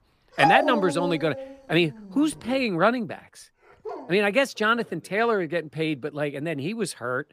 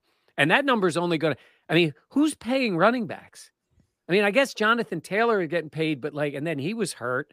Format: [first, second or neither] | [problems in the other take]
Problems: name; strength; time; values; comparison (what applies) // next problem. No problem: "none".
second | animal sounds; loud; throughout; 2 dB below the speech